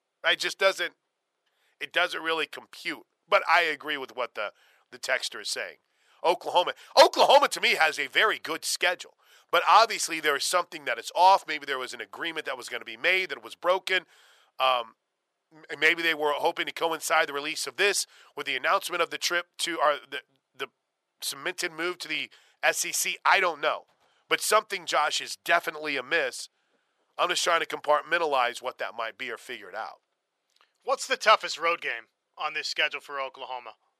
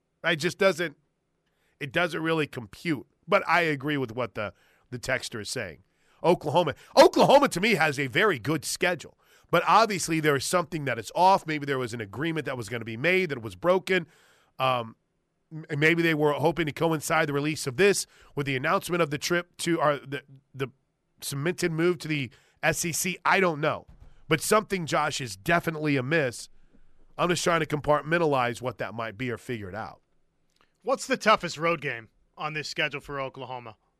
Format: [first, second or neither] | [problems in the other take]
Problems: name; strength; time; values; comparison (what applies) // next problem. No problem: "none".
second | thin; very; fading below 700 Hz